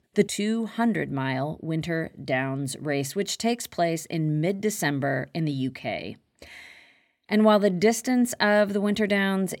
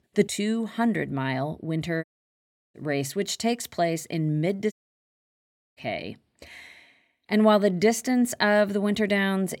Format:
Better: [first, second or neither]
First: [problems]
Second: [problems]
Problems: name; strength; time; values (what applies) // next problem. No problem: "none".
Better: first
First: none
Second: audio cutting out; at 2 s for 0.5 s and at 4.5 s for 1 s